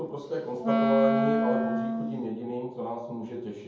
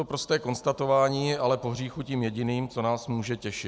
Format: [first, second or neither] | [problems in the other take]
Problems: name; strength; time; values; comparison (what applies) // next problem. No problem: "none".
second | background sound (Wind instrument, woodwind instrument); 4 dB above the speech // room echo; dies away in 0.7 s